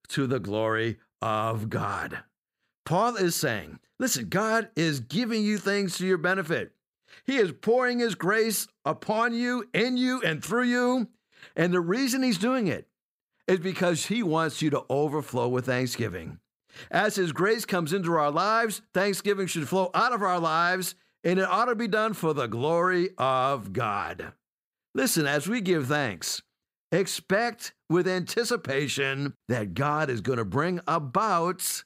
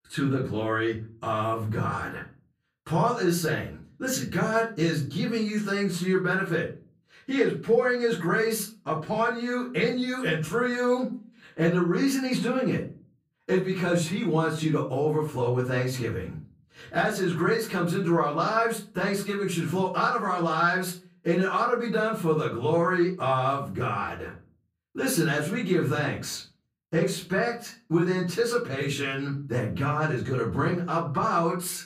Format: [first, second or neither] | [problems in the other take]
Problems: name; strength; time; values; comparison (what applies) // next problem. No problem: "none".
first | off-mic speech; far // room echo; slight; dies away in 0.4 s